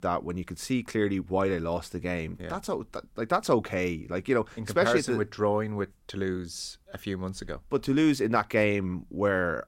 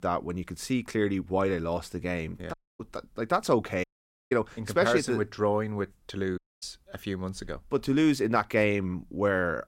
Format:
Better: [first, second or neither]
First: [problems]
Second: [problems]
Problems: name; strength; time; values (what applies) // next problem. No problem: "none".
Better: first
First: none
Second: audio cutting out; at 2.5 s, at 4 s and at 6.5 s